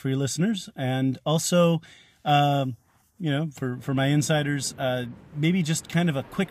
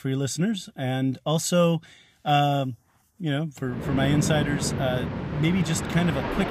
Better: first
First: train or aircraft noise; faint; from 4 s on; 25 dB below the speech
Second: train or aircraft noise; loud; from 4 s on; 4 dB below the speech

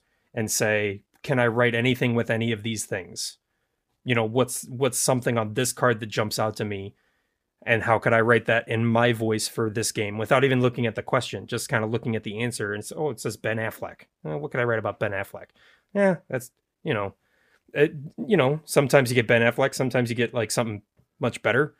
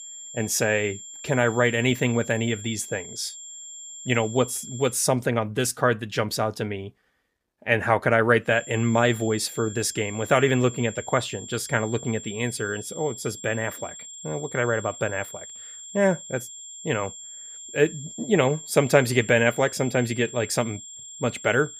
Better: first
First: none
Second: high-pitched whine; noticeable; until 5 s and from 8.5 s on; 7.5 kHz, 15 dB below the speech

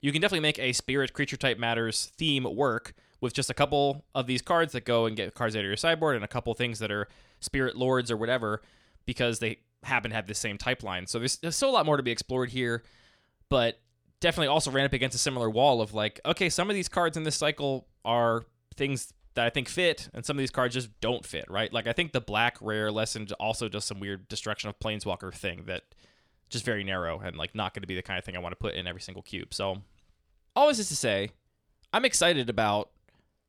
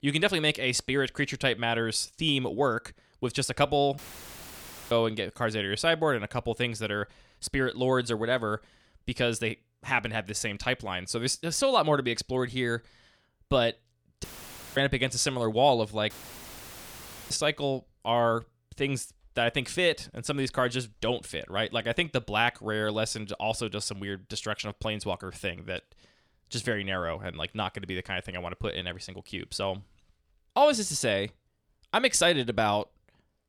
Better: first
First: none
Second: audio cutting out; filled with static; at 4 s for 1 s, at 14 s for 0.5 s and at 16 s for 1 s

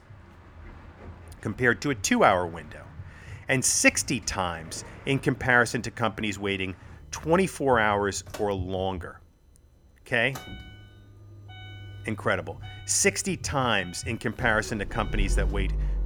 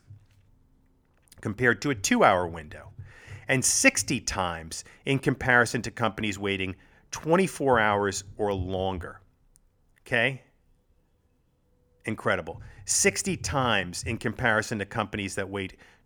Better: second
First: traffic noise; noticeable; throughout; 15 dB below the speech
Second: none

